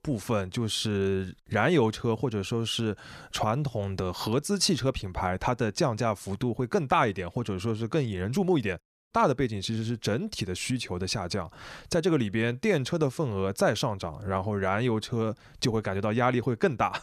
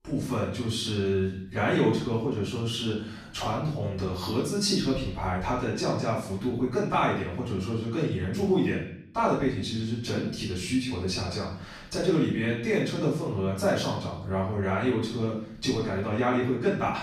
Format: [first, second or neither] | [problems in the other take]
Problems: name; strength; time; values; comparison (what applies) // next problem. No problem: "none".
first | off-mic speech; far // room echo; noticeable; dies away in 0.6 s